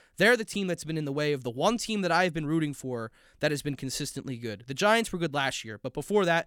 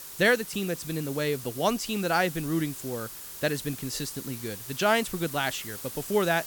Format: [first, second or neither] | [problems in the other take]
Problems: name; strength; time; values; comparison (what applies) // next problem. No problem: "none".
first | hiss; loud; throughout; 10 dB below the speech